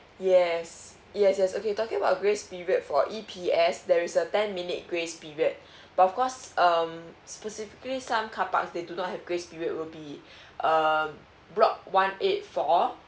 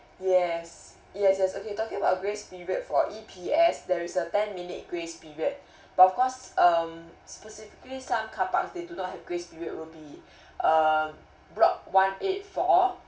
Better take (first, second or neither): first